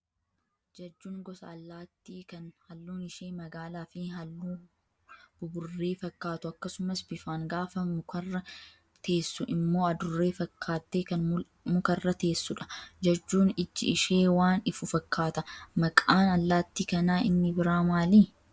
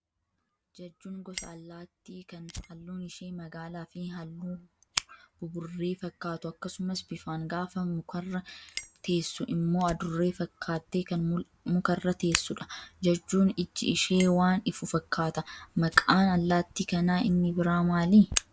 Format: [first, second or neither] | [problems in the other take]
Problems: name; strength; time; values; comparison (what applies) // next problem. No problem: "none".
first | background sound (Fire); 15 dB below the speech